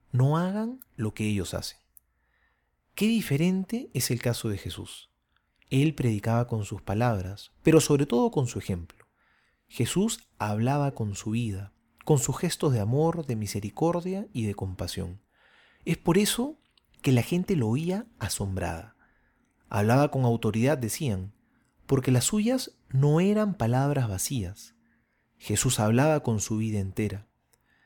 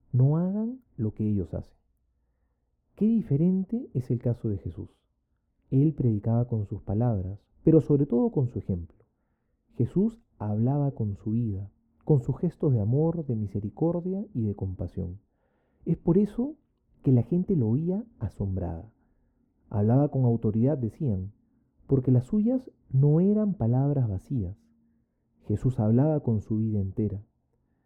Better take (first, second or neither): first